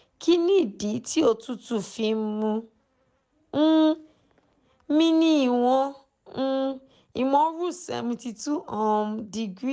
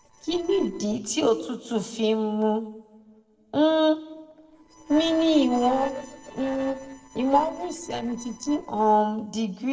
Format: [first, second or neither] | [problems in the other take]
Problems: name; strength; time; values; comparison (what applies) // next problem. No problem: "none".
first | noise reduction (neural separator model SepFormer DNS4)